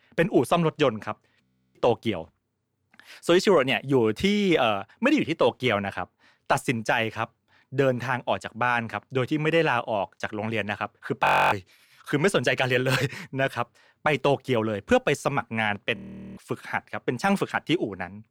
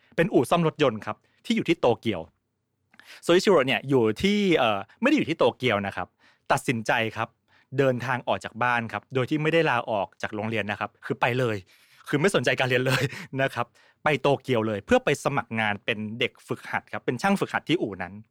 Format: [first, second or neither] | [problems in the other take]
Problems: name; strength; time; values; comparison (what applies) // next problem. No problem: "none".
second | audio freezing; at 1.5 s, at 11 s and at 16 s